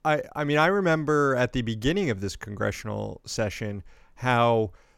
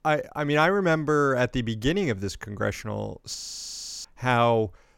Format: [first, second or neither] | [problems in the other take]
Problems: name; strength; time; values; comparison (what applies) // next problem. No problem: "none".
first | audio freezing; at 3.5 s for 0.5 s